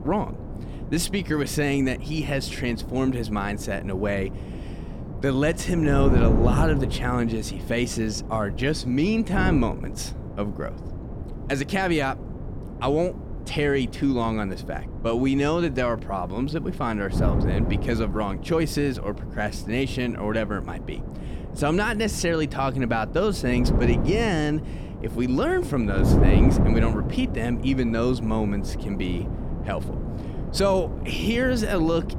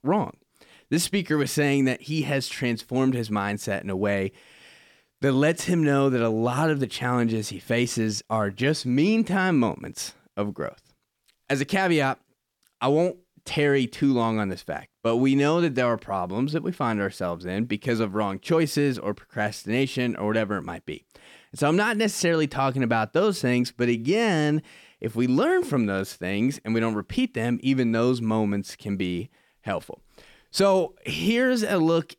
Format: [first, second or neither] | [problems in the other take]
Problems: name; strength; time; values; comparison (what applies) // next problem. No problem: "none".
second | wind noise on the microphone; heavy; 10 dB below the speech